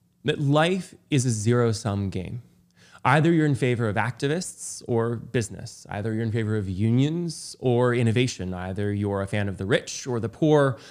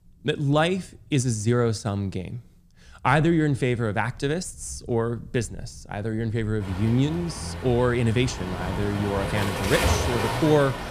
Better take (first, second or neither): first